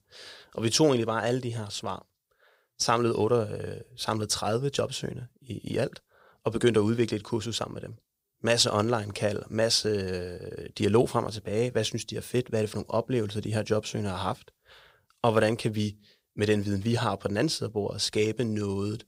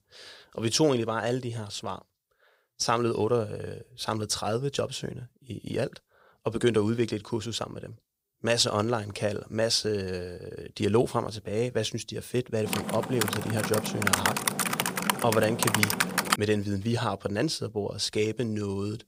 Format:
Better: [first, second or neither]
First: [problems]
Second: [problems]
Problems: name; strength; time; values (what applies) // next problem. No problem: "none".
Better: first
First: none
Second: keyboard typing; loud; from 13 to 16 s; peak 4 dB above the speech